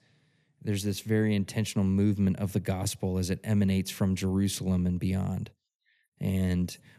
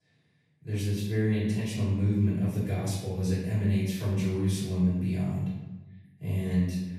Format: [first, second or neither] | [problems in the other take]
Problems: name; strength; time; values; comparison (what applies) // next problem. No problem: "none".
first | off-mic speech; far // room echo; noticeable; dies away in 0.9 s